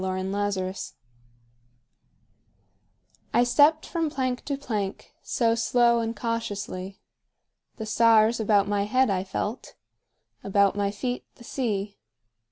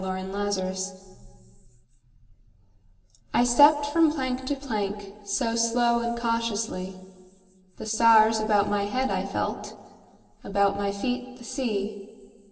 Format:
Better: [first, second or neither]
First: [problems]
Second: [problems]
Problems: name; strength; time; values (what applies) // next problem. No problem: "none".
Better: first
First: none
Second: room echo; dies away in 2.2 s